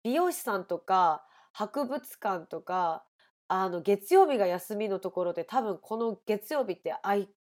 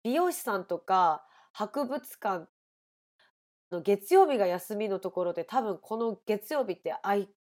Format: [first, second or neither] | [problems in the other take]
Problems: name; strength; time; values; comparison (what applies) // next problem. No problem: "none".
first | audio cutting out; at 2.5 s for 0.5 s and at 3.5 s